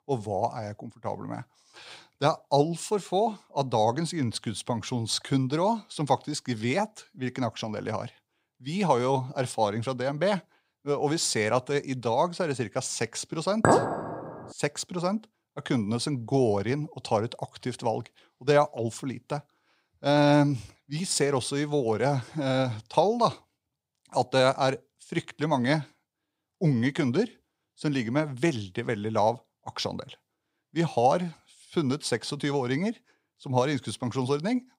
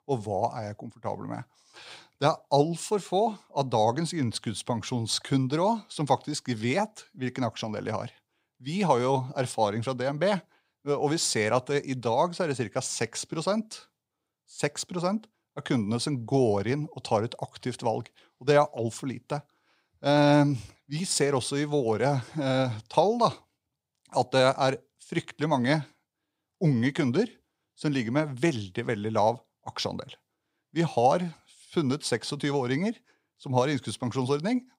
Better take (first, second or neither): second